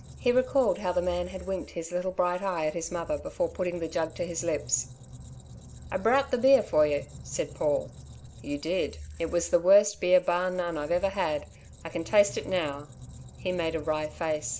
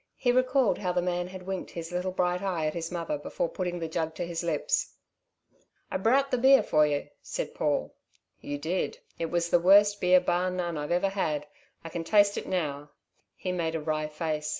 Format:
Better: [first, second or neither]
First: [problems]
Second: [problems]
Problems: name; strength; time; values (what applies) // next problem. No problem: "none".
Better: second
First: background sound (Squeak); 18 dB below the speech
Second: none